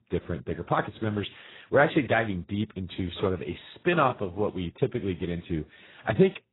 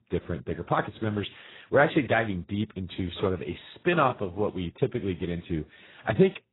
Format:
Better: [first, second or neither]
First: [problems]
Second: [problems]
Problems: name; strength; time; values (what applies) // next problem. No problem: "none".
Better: neither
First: garbled, watery; badly; nothing above 4 kHz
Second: garbled, watery; badly; nothing above 4 kHz